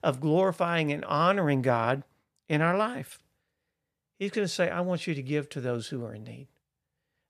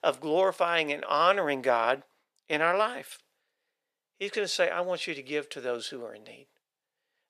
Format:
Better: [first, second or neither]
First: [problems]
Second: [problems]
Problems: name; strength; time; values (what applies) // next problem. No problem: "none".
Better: first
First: none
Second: thin; somewhat; fading below 500 Hz